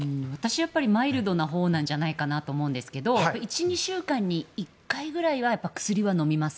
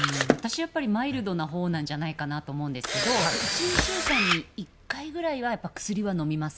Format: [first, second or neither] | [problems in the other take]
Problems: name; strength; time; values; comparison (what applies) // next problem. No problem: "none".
first | background sound (Camera); 1 dB below the speech